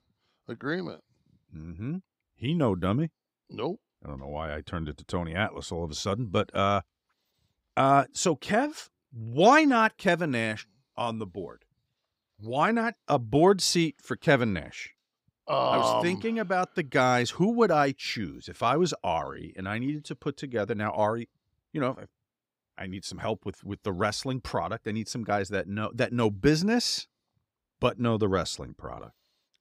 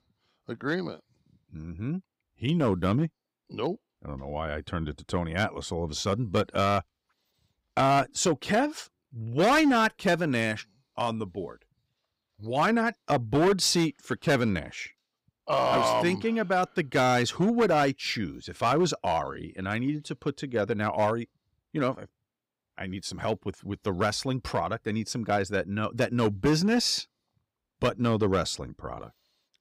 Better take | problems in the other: first | distortion; slight; 4% of the sound clipped

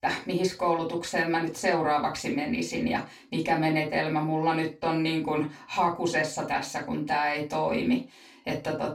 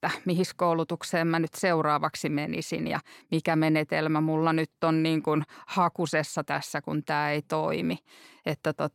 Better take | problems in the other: second | room echo; slight; dies away in 0.2 s // off-mic speech; far

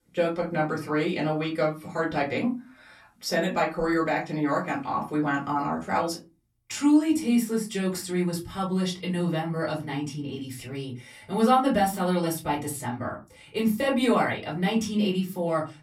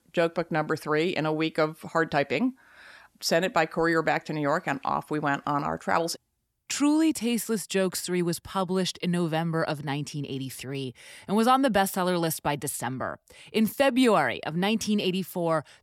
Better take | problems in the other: second | off-mic speech; far // room echo; very slight; dies away in 0.3 s

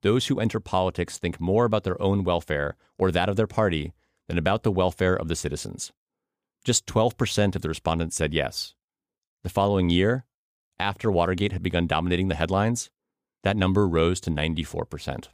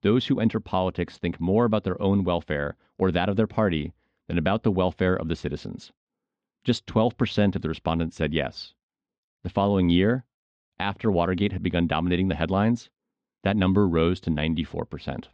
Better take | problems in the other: first | muffled; slightly; fading above 4 kHz

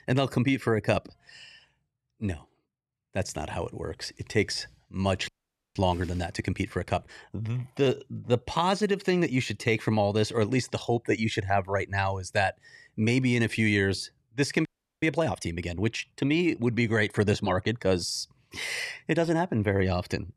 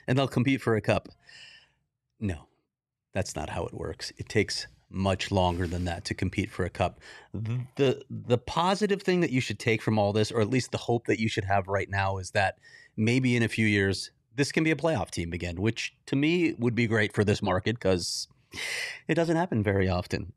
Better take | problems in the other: second | audio freezing; at 5.5 s and at 15 s

